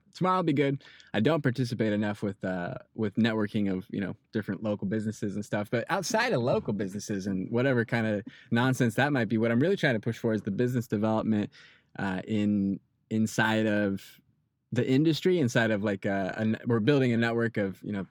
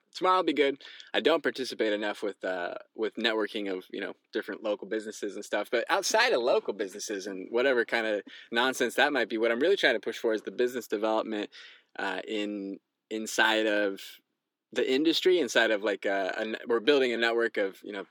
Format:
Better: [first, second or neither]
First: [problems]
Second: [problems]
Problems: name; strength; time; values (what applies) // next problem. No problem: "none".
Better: first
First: none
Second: thin; somewhat; fading below 350 Hz